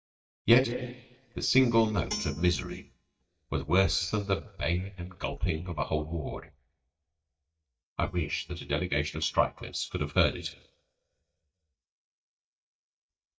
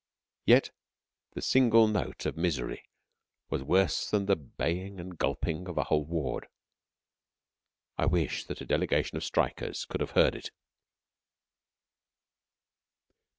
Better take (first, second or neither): second